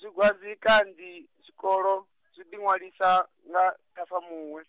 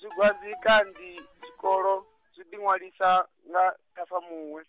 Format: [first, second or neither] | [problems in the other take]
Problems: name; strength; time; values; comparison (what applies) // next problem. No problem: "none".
first | background sound (Bowed string instrument); 16 dB below the speech